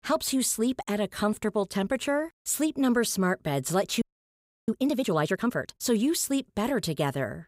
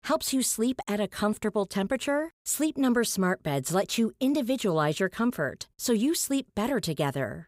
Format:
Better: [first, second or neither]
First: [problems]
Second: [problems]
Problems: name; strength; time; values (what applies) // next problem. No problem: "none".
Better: second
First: audio freezing; at 4 s for 0.5 s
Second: none